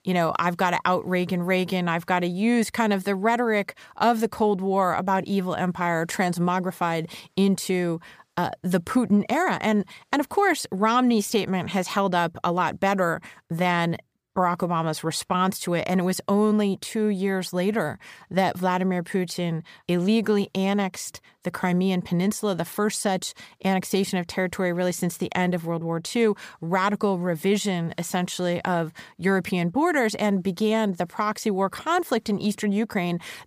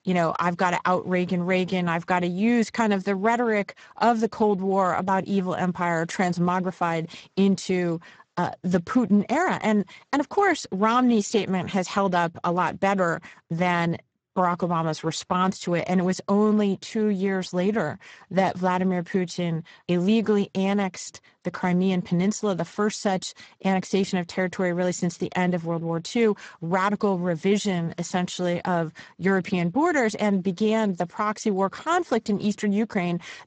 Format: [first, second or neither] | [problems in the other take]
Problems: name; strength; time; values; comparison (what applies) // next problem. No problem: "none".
first | garbled, watery; badly; nothing above 7.5 kHz